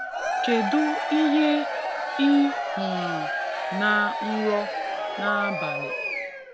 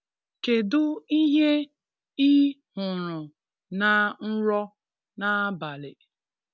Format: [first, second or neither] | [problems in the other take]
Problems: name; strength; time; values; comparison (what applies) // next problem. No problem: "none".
second | background sound (Crowd / Cheering); 2 dB below the speech